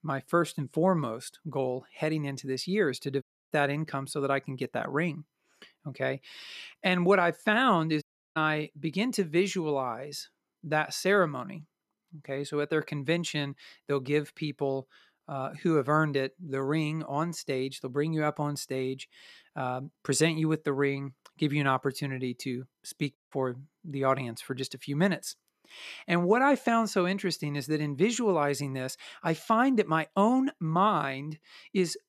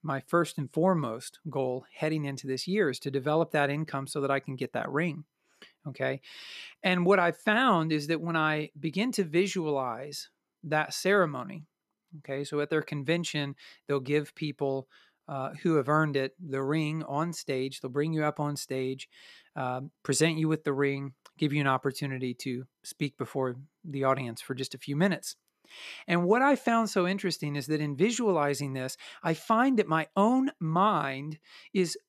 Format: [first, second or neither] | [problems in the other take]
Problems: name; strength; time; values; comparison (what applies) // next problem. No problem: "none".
second | audio cutting out; at 3 s, at 8 s and at 23 s